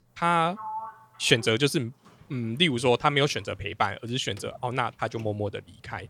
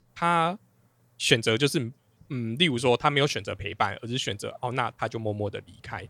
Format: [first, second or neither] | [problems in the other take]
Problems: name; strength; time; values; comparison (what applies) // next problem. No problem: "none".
second | door banging; noticeable; from 0.5 to 5.5 s; peak 10 dB below the speech